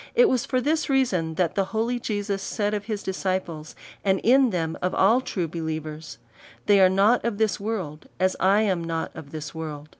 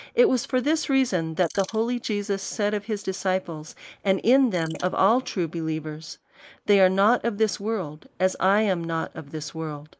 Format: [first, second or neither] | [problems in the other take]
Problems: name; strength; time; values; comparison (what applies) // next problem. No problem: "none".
first | noise reduction (neural mask model Resemble Enhance denoiser)